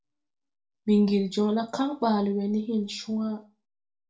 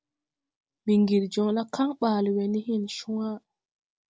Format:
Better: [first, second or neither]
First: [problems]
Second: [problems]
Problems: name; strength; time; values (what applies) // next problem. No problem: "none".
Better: second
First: room echo; dies away in 0.3 s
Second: none